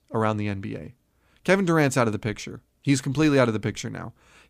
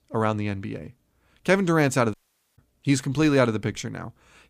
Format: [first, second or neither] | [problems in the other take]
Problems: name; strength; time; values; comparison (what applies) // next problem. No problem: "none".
first | audio cutting out; at 2 s